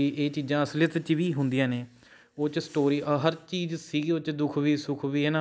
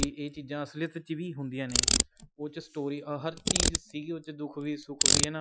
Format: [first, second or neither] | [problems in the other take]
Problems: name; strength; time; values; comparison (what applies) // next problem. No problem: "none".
first | noise reduction (classical method Wiener filter)